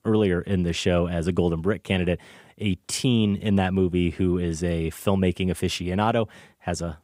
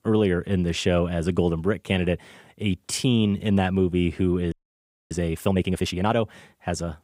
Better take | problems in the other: first | audio freezing; at 4.5 s for 0.5 s

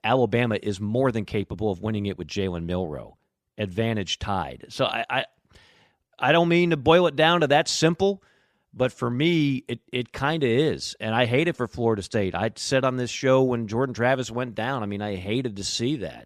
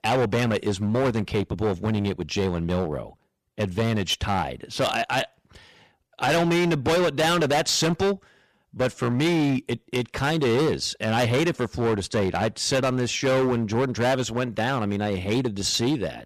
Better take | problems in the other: first | distortion; heavy; 16% of the sound clipped

